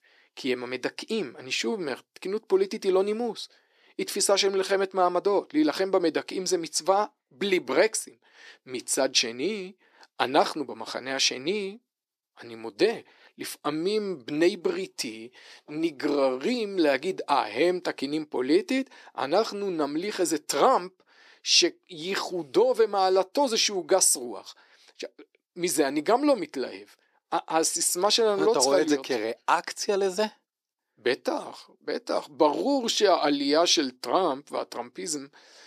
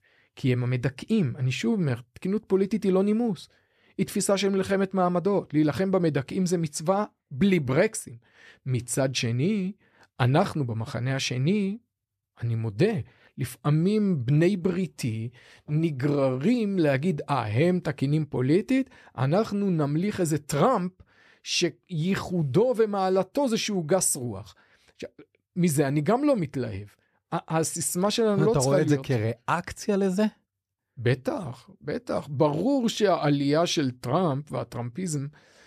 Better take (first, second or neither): second